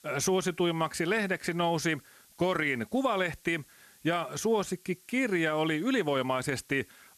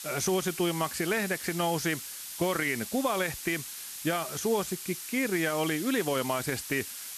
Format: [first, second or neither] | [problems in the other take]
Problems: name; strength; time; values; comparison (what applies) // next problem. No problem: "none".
first | hiss; loud; throughout; 7 dB below the speech; faint in the first